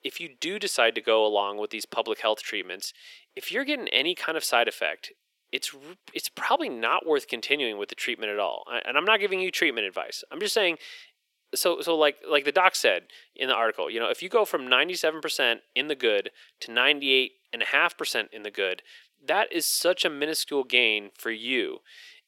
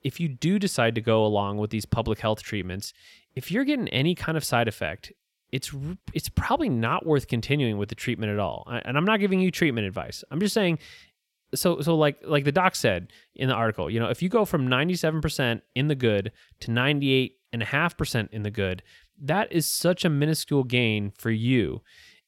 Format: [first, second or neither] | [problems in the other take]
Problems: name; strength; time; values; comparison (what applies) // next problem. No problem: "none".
second | thin; very; fading below 350 Hz